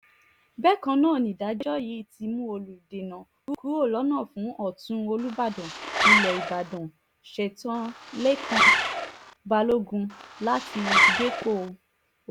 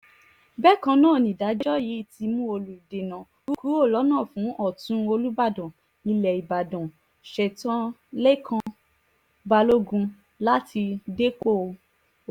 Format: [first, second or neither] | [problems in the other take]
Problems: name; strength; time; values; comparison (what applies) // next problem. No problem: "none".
second | background sound (Zipper (clothing)); 3 dB above the speech